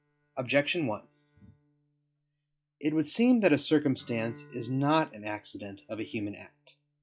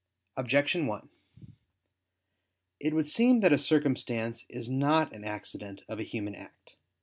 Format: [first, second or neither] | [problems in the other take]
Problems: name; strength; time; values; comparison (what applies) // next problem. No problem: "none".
second | noise reduction (classical method log-MMSE)